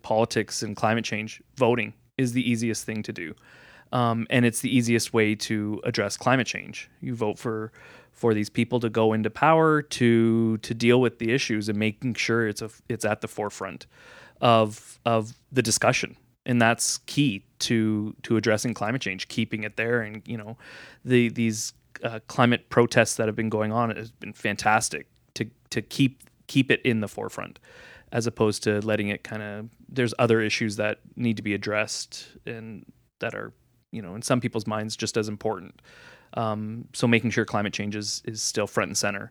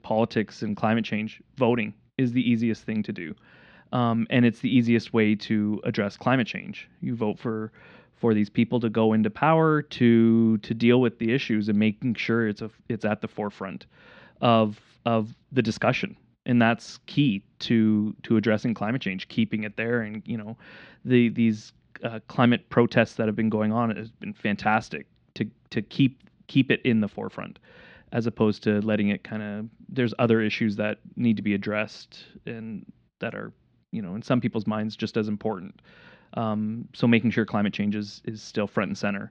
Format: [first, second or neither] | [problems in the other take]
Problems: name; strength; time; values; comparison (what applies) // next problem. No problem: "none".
first | muffled; slightly; fading above 4 kHz